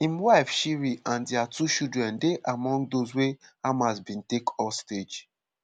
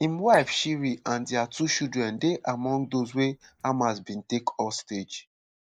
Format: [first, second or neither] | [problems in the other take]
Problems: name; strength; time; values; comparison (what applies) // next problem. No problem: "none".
first | noise reduction (neural mask model Resemble Enhance denoiser)